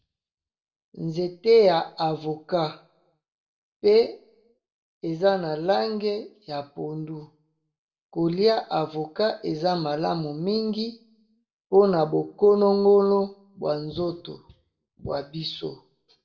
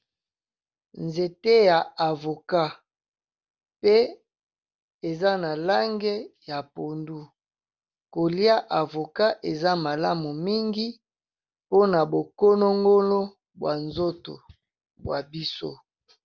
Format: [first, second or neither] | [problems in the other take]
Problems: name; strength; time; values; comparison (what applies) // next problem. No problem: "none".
second | room echo; dies away in 0.4 s